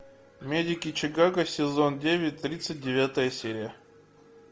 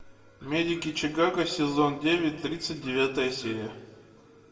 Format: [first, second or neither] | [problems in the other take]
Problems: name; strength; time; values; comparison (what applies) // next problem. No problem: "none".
first | room echo; dies away in 1.2 s